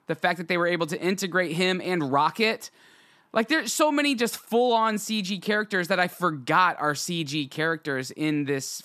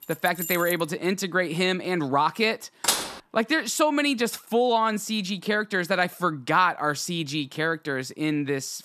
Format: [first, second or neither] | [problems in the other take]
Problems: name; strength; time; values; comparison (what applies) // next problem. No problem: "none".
first | jangling keys; noticeable; at the start; peak 5 dB below the speech // clattering dishes; loud; at 3 s; peak 1 dB above the speech